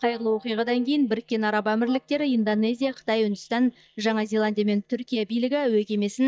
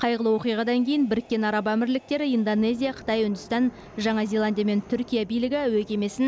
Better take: second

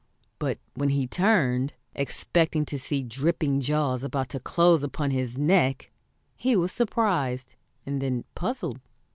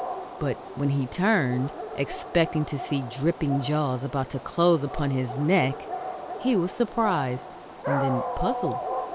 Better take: first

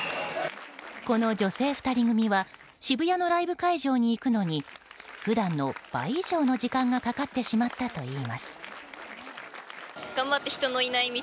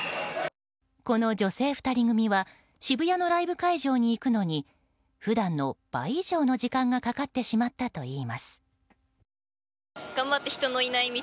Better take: second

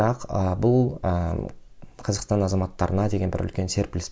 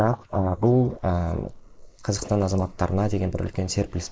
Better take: first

